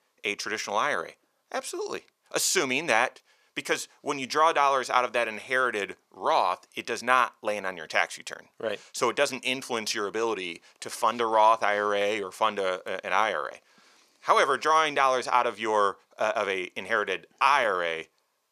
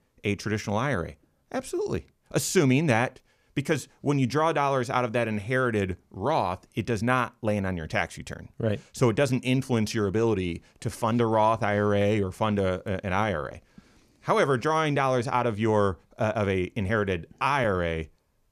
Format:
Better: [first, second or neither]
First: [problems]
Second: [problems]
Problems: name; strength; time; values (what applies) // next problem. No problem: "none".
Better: second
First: thin; very; fading below 550 Hz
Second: none